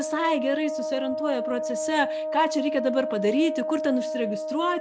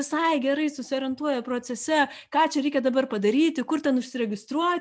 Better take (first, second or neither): second